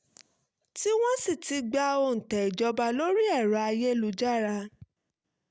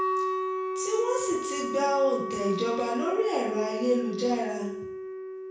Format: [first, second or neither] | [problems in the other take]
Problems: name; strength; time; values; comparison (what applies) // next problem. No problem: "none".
first | background sound (Wind instrument, woodwind instrument); 4 dB below the speech // room echo; dies away in 0.6 s